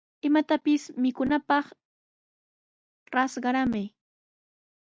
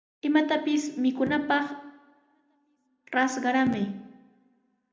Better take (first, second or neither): first